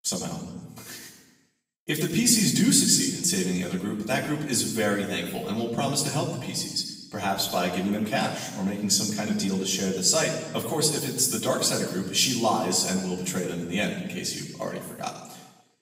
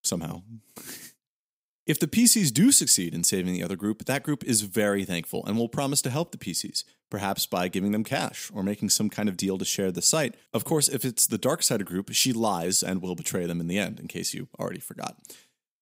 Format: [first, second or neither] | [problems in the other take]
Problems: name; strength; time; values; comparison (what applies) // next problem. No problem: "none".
second | room echo; noticeable; dies away in 1 s // off-mic speech; far